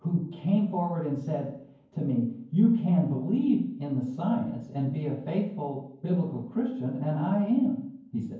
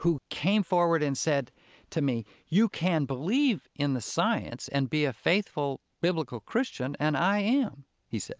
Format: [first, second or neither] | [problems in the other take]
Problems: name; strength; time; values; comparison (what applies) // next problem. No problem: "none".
second | room echo; dies away in 0.9 s